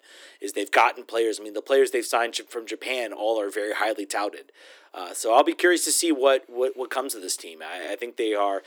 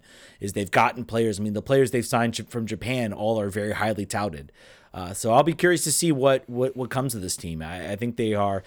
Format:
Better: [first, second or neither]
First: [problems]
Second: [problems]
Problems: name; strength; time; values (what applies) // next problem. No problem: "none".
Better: second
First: thin; somewhat; fading below 300 Hz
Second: none